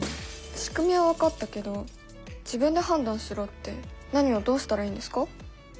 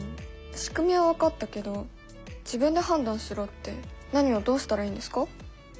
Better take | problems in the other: second | background sound (Shatter); 16 dB below the speech

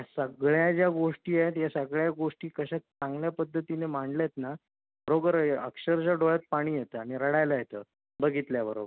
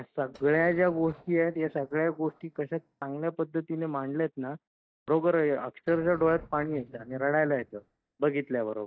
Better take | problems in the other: first | noise reduction (neural mask model DeepFilterNet 3)

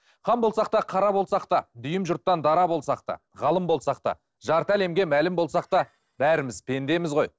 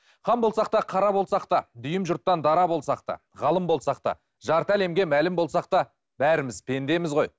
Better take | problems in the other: second | noise reduction (neural separator model SepFormer DNS4)

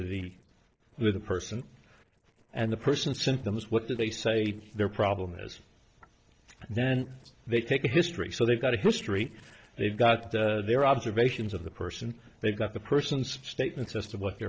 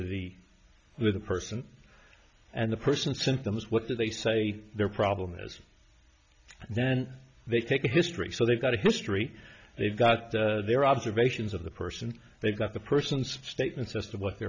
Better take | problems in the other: second | noise reduction (neural separator model SepFormer DNS4)

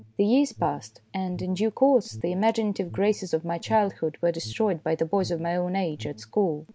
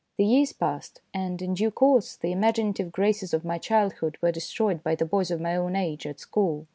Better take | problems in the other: second | background sound (Alarm); 19 dB below the speech

